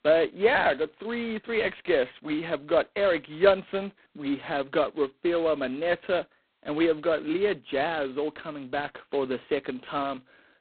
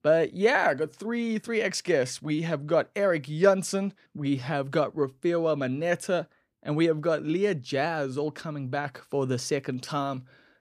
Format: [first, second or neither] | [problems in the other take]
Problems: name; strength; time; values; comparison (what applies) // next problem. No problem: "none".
second | phone-call audio; poor line; nothing above 4 kHz